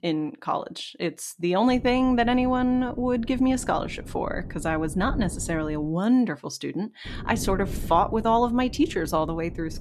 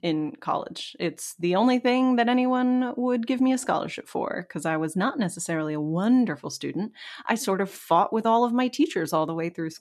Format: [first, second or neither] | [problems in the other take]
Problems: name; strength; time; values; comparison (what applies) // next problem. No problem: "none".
second | wind noise on the microphone; occasional gusts; from 1.5 to 6 s and from 7 s on; 20 dB below the speech